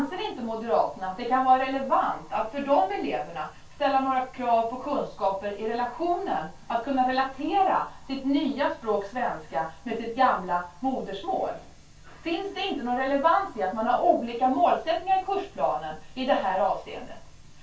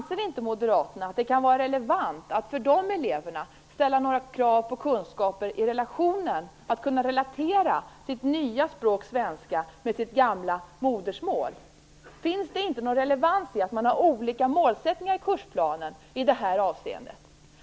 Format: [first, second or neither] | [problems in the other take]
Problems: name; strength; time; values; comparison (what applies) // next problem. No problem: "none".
second | room echo; dies away in 0.2 s